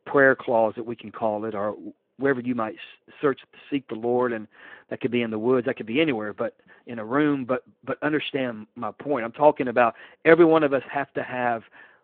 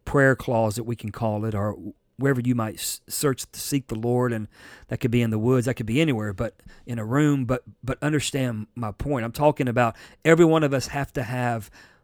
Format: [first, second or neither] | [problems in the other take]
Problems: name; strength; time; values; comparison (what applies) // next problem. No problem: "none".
second | phone-call audio